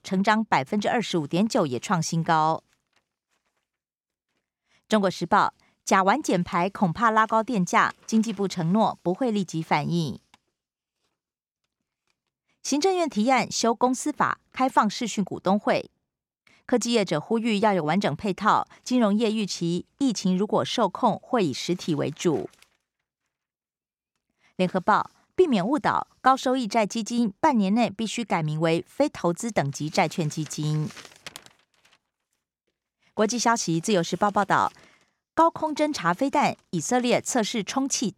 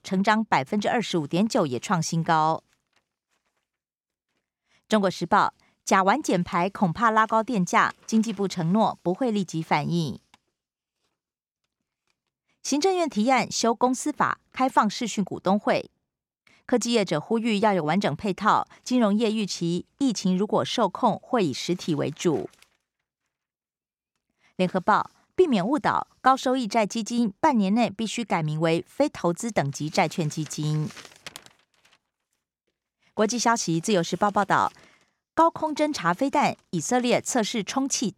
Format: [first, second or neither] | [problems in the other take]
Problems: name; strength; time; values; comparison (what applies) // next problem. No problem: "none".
neither | none